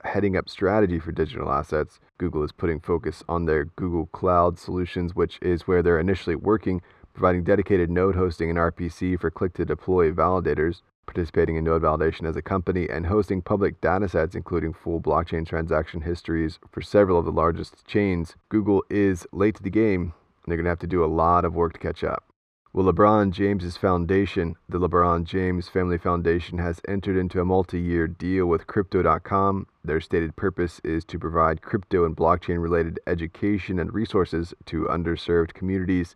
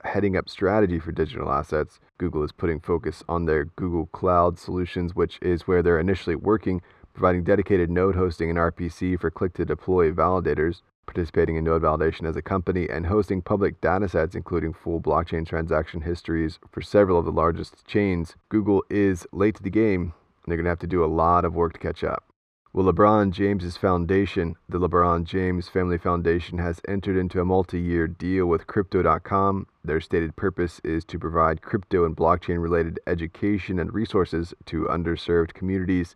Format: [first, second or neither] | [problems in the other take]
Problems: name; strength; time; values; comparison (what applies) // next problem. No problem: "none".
neither | muffled; very; fading above 2 kHz; the same in both